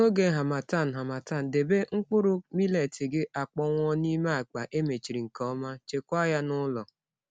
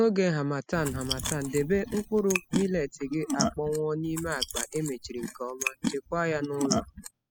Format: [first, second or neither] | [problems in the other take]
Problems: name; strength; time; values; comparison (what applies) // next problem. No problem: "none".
first | noise reduction (classical method spectral subtraction)